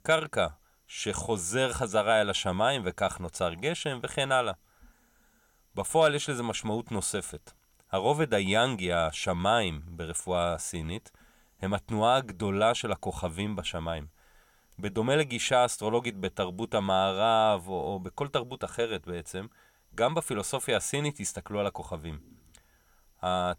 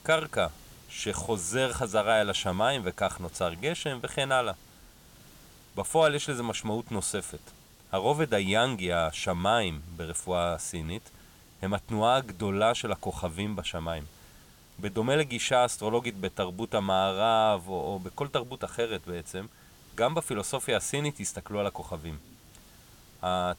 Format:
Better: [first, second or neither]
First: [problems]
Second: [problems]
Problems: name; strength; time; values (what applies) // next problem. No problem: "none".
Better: first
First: none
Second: hiss; faint; throughout; 25 dB below the speech